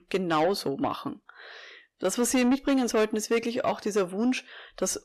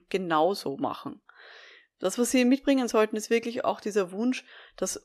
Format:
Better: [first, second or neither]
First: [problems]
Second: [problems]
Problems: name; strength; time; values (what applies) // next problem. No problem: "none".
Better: second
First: distortion; slight; 10 dB below the speech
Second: none